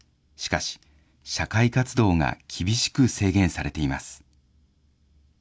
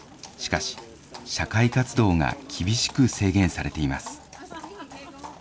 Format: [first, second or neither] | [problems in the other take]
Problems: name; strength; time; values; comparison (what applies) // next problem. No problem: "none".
first | background sound (Livestock, farm animals, working animals); 16 dB below the speech